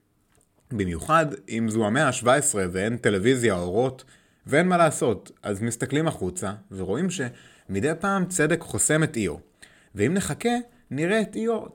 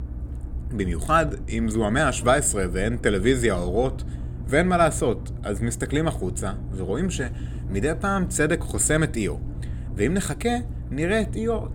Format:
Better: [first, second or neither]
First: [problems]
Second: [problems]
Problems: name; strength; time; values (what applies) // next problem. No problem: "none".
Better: first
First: none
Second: low rumble; faint; throughout; 20 dB below the speech